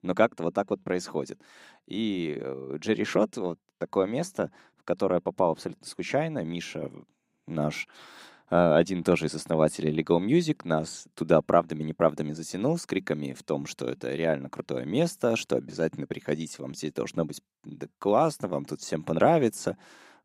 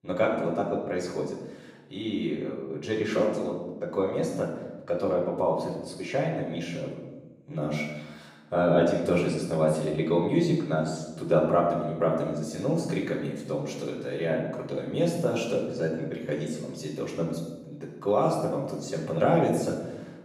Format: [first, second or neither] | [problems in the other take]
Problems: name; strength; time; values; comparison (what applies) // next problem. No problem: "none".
first | off-mic speech; far // room echo; noticeable; dies away in 0.9 s